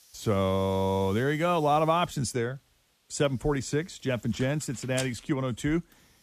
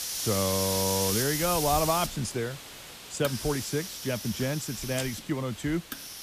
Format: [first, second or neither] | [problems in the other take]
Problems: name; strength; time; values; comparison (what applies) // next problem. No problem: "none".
first | hiss; loud; throughout; 2 dB below the speech; faint in the first